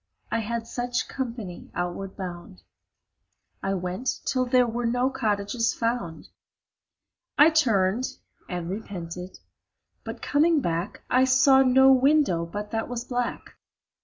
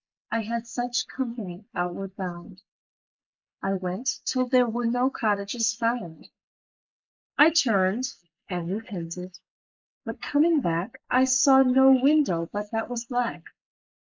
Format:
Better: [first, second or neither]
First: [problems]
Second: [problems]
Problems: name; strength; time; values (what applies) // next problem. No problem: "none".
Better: first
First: none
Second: noise reduction (neural mask model Resemble Enhance denoiser)